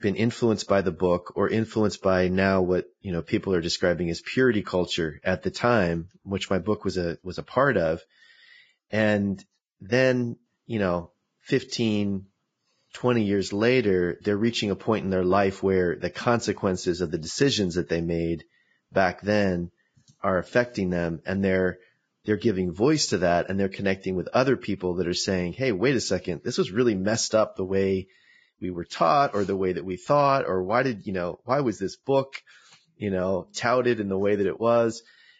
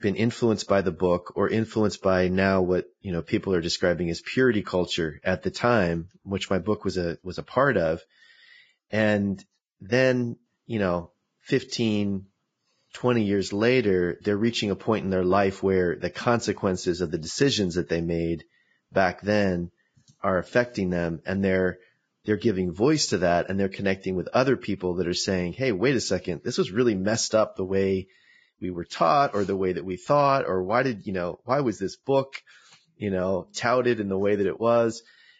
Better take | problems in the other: neither | garbled, watery; badly; nothing above 7.5 kHz; the same in both

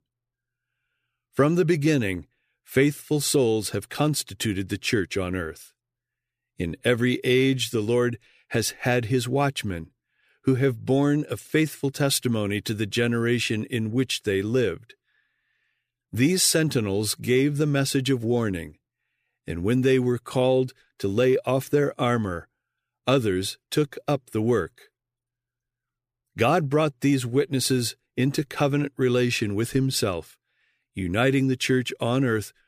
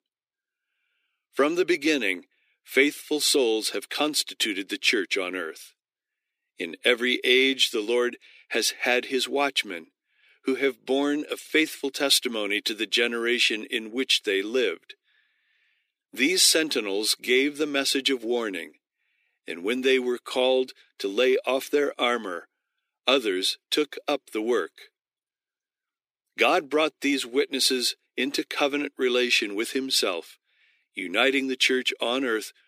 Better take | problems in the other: first | thin; very slightly; fading below 300 Hz

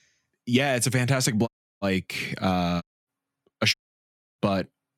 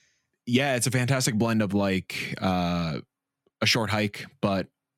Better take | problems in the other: second | audio cutting out; at 1.5 s, at 3 s and at 3.5 s for 0.5 s

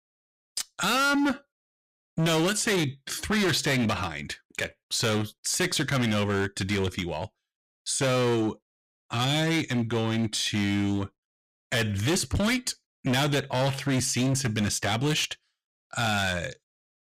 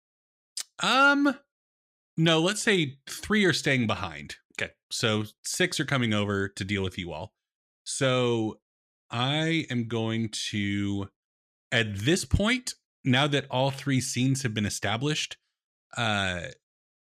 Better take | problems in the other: second | distortion; heavy; 16% of the sound clipped

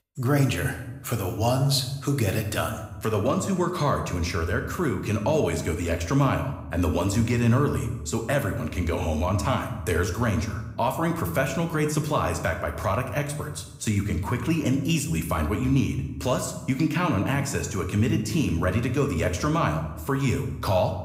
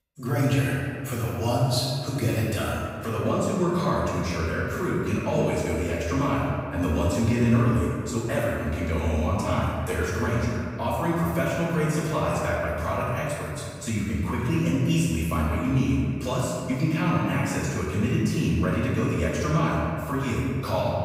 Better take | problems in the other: first | room echo; strong; dies away in 2 s; slight in the first // off-mic speech; far

